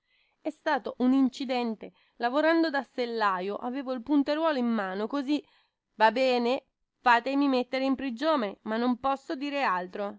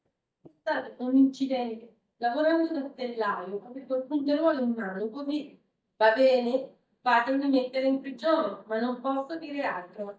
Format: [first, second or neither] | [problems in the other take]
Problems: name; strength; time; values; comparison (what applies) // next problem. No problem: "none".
first | noise reduction (neural mask model DeepFilterNet 3)